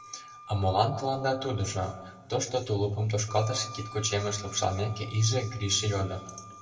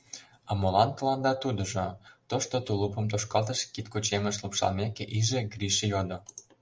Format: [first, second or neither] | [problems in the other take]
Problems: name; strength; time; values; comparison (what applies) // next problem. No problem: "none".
second | background sound (Wind instrument, woodwind instrument); 18 dB below the speech // room echo; dies away in 1.3 s